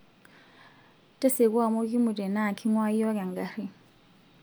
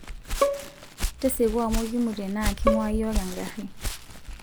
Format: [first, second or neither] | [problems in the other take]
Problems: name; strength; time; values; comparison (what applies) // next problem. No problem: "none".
first | background sound (Bowed string instrument + Walk, footsteps); as loud as the speech